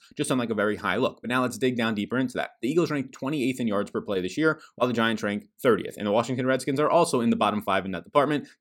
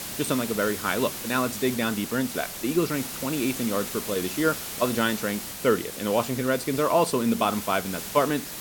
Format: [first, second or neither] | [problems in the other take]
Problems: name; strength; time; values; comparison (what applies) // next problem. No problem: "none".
first | hiss; loud; throughout; 7 dB below the speech